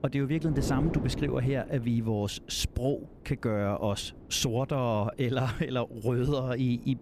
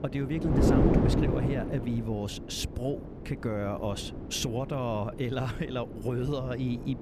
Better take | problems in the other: first | wind noise on the microphone; heavy; 1 dB above the speech; occasional gusts in the first

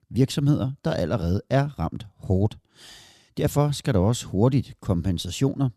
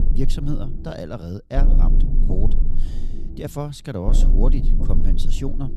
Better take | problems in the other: first | low rumble; loud; throughout; 7 dB below the speech

